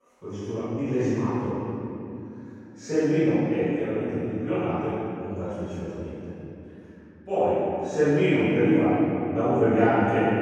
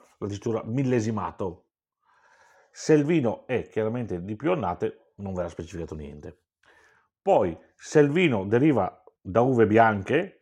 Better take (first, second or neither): second